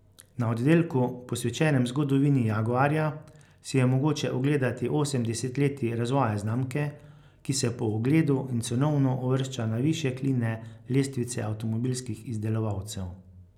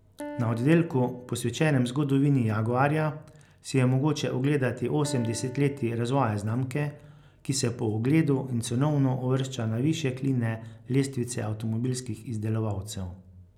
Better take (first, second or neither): first